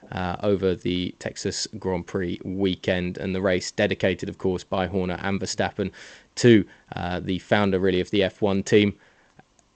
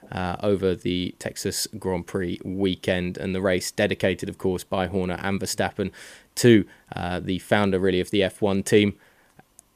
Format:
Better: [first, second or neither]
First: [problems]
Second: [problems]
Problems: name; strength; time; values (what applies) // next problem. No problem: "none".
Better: second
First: garbled, watery; slightly; nothing above 7.5 kHz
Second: none